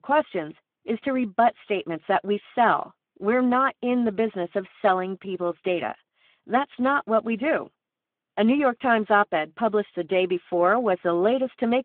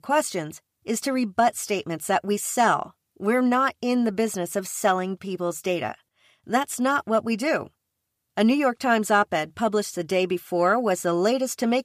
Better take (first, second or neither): second